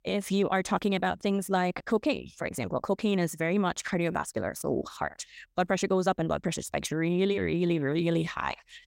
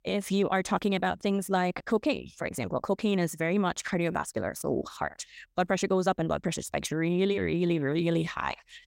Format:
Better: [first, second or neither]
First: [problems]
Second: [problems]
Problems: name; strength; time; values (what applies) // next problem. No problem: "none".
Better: neither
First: none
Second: none